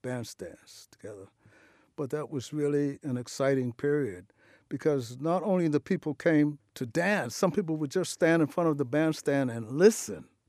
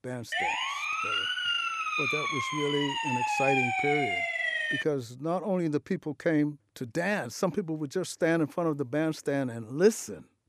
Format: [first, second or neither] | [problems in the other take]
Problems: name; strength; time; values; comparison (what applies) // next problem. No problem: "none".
first | siren; loud; until 5 s; peak 5 dB above the speech